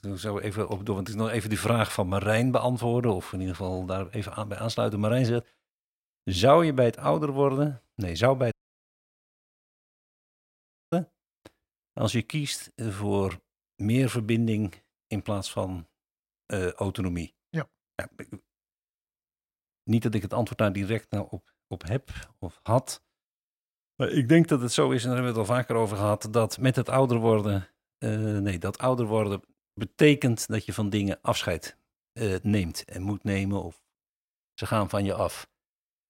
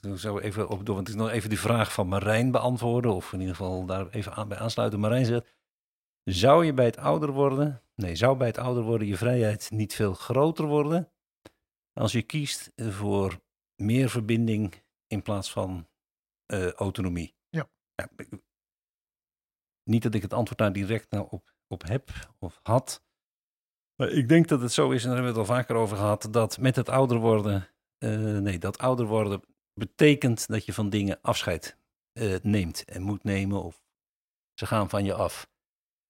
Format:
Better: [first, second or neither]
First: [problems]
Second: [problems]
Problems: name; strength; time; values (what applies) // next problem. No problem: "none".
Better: second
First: audio cutting out; at 8.5 s for 2.5 s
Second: none